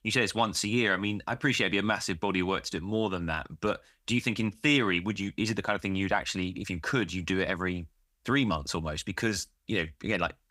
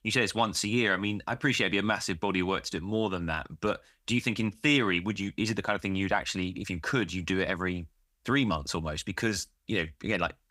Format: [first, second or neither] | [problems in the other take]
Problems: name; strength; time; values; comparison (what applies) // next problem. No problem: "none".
neither | none